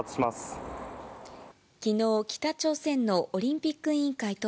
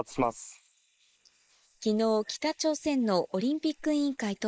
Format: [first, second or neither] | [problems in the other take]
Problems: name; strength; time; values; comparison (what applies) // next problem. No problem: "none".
first | noise reduction (neural mask model Resemble Enhance denoiser)